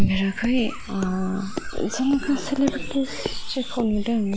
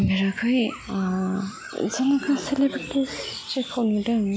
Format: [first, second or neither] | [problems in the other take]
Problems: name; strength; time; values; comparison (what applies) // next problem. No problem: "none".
second | background sound (Walk, footsteps); 4 dB below the speech